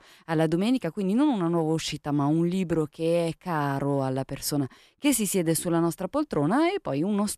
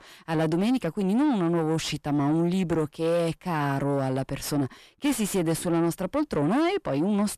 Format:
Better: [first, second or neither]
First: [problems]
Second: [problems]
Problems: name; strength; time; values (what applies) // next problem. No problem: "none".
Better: first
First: none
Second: distortion; slight; 10 dB below the speech